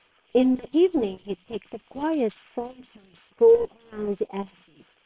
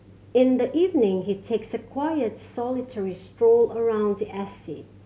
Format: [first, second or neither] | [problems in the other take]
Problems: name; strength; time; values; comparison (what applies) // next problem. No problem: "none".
second | noise reduction (neural separator model SepFormer WHAM!)